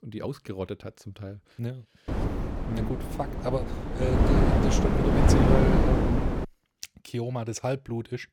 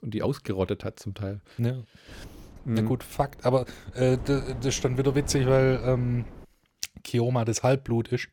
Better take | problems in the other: second | wind noise on the microphone; heavy; from 2 to 6.5 s; 4 dB above the speech; occasional gusts in the second

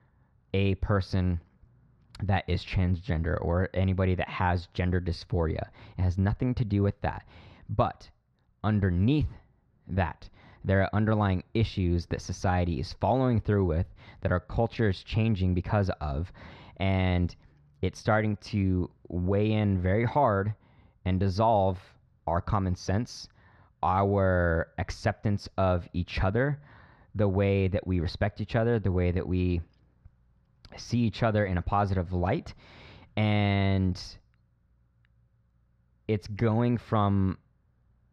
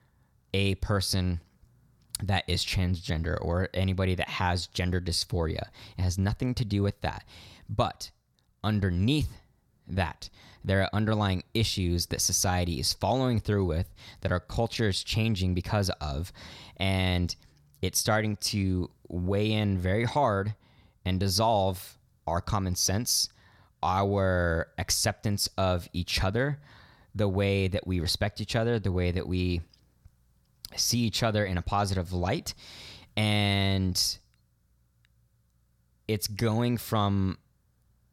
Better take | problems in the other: second | muffled; very; fading above 2 kHz

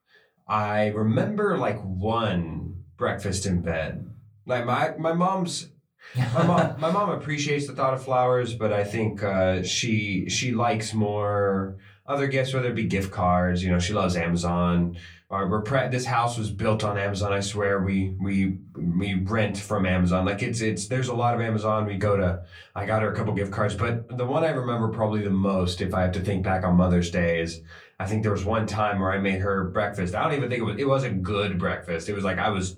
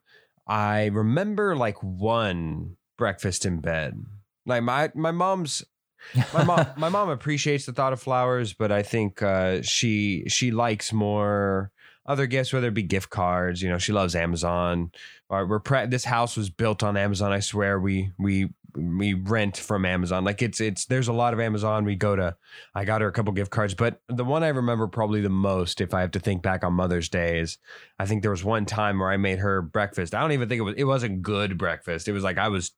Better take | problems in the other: second | off-mic speech; far // room echo; very slight; dies away in 0.3 s

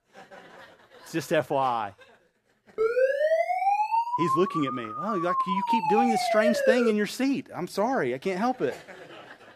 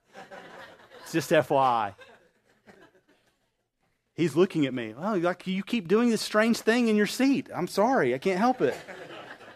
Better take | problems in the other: second | siren; loud; from 3 to 7 s; peak 5 dB above the speech

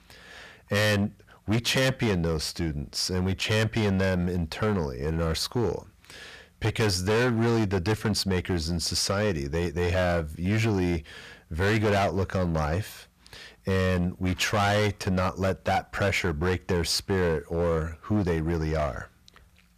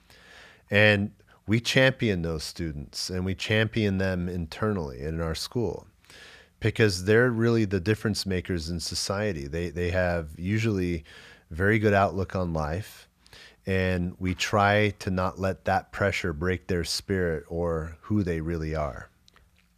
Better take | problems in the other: second | distortion; heavy; 14% of the sound clipped

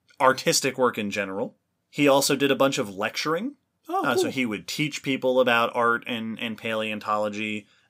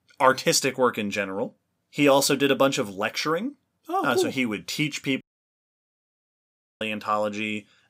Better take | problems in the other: first | audio cutting out; at 5 s for 1.5 s

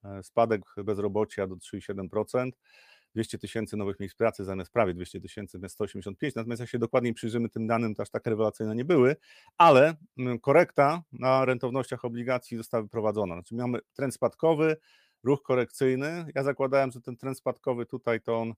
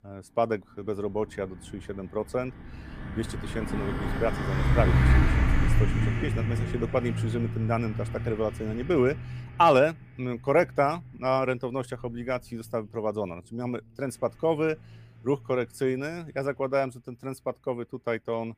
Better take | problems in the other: first | traffic noise; very loud; throughout; 1 dB above the speech

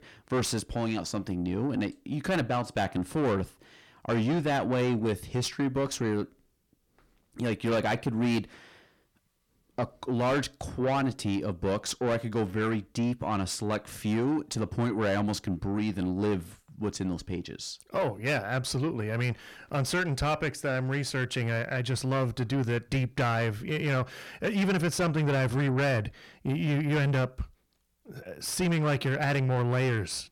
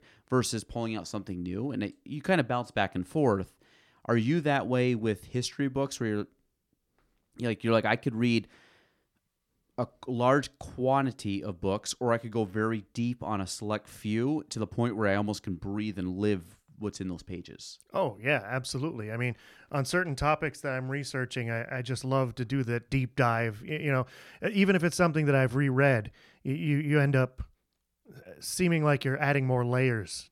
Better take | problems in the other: second | distortion; heavy; 7 dB below the speech

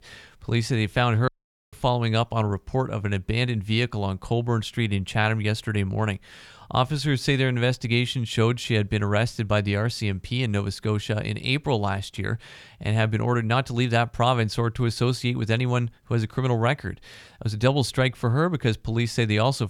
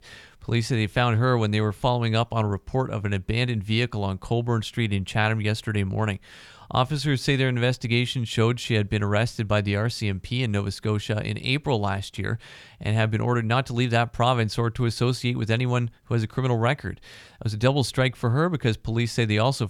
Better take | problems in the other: second | audio cutting out; at 1.5 s

